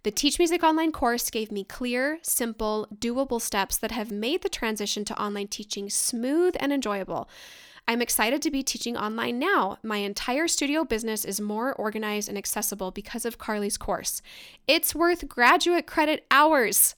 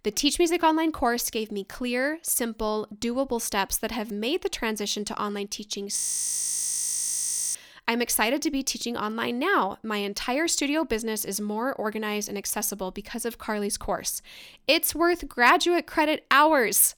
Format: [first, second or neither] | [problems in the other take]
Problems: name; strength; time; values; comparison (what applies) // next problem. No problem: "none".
first | audio freezing; at 6 s for 1.5 s